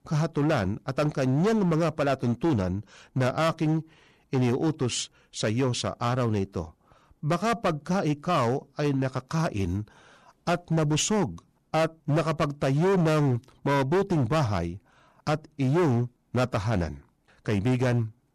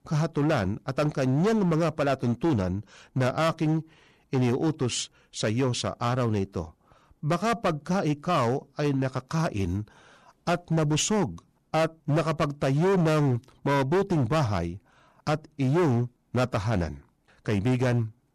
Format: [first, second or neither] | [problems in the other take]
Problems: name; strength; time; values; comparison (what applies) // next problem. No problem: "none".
neither | distortion; heavy; 13% of the sound clipped; the same in both